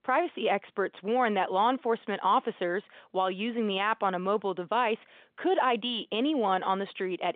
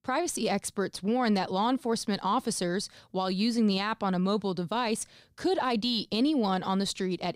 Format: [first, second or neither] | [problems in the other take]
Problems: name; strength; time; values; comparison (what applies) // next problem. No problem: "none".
second | phone-call audio; nothing above 3 kHz